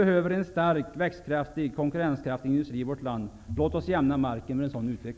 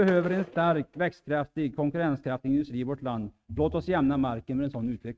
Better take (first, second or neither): first